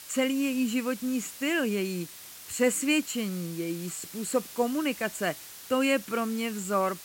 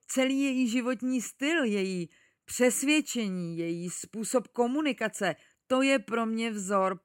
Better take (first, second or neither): second